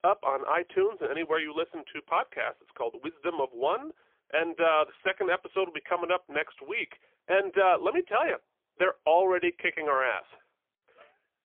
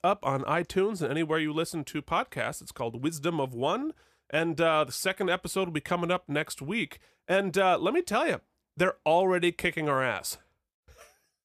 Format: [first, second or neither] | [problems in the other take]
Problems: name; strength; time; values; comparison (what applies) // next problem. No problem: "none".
second | phone-call audio; poor line; nothing above 3.5 kHz